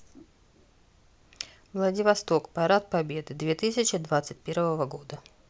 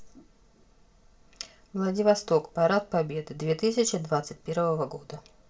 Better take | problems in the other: first | room echo; dies away in 0.2 s

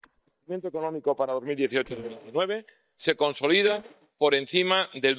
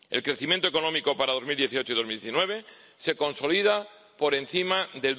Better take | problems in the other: second | noise reduction (neural mask model DeepFilterNet 3)

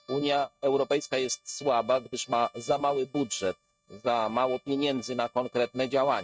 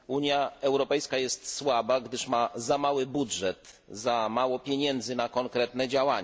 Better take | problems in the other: second | noise reduction (neural mask model RNNoise)

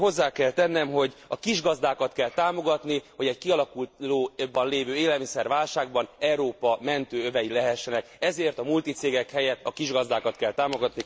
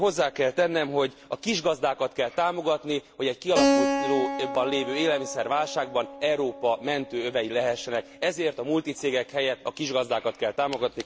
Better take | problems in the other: first | background sound (Keyboard (musical)); 6 dB below the speech

